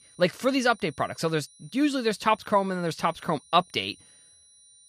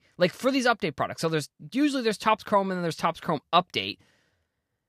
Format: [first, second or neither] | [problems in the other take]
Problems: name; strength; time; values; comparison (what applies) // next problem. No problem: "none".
second | high-pitched whine; faint; throughout; 9.5 kHz, 25 dB below the speech